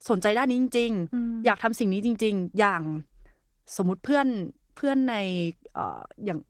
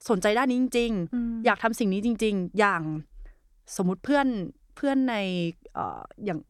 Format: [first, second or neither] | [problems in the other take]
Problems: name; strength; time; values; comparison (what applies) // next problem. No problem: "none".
second | garbled, watery; slightly; nothing above 15.5 kHz